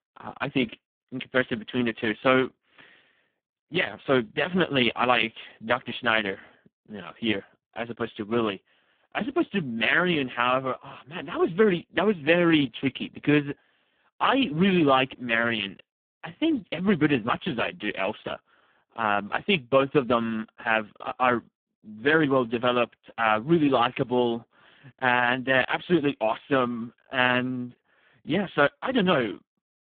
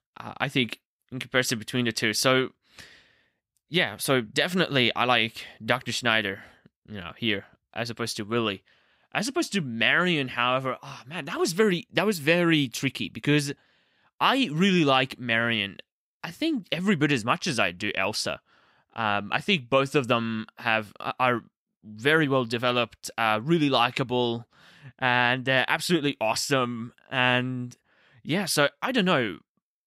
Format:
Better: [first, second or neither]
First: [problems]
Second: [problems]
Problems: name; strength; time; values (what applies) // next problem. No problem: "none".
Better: second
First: phone-call audio; poor line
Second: none